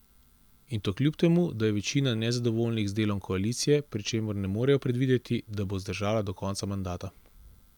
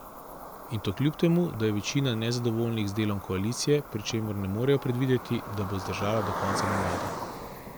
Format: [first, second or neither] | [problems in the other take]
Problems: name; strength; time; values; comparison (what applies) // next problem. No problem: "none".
first | background sound (Cricket); 8 dB below the speech